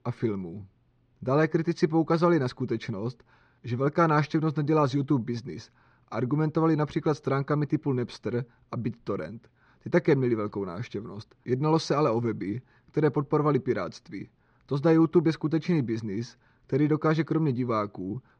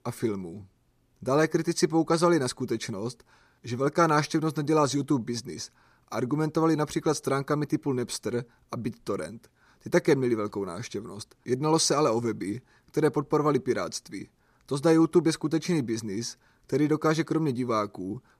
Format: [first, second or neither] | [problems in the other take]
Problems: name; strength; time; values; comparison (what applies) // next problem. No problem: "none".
second | muffled; slightly; fading above 3.5 kHz